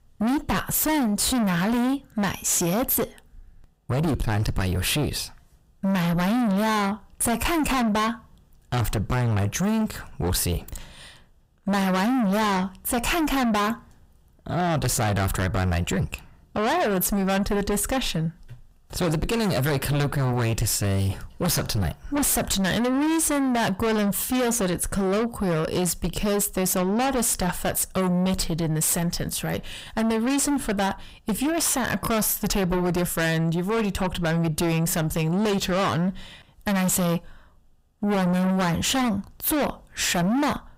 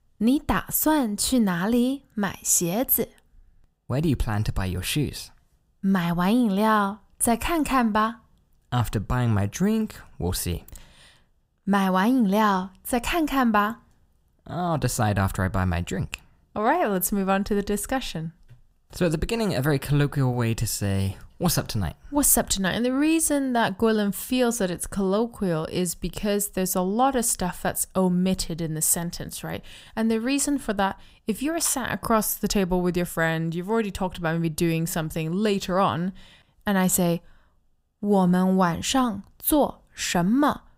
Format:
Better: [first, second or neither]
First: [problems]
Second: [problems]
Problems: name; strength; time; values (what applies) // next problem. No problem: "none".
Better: second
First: distortion; heavy; 6 dB below the speech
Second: none